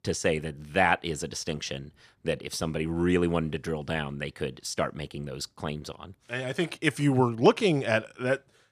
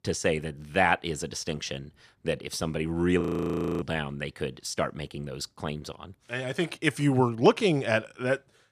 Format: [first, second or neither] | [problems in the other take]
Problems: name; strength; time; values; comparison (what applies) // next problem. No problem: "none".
first | audio freezing; at 3 s for 0.5 s